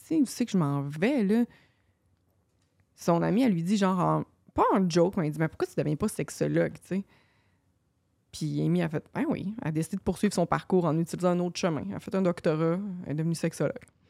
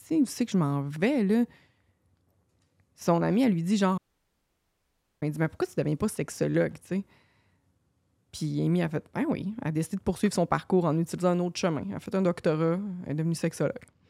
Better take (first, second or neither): first